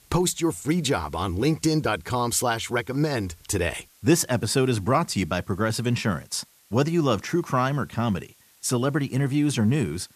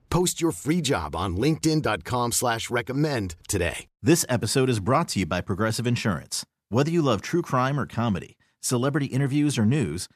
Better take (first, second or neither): second